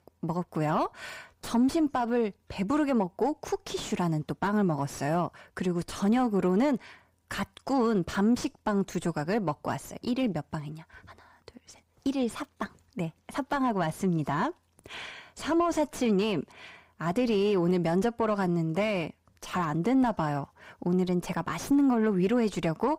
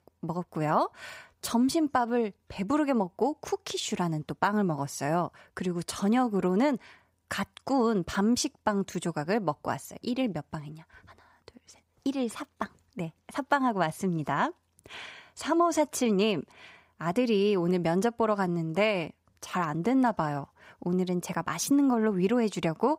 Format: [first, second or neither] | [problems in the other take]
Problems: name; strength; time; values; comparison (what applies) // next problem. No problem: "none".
second | distortion; slight; 10 dB below the speech